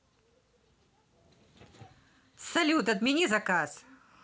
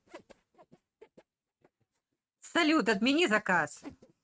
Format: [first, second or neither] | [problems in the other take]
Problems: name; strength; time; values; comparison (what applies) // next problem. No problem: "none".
first | noise reduction (neural mask model RNNoise)